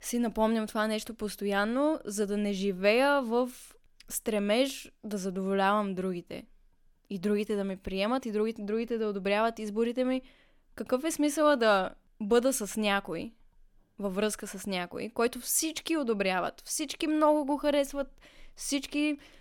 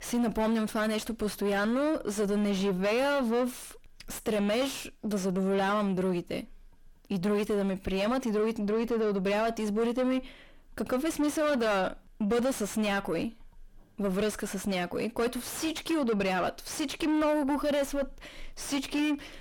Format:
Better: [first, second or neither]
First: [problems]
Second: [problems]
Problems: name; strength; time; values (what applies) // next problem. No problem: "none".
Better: first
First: none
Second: distortion; heavy; 6 dB below the speech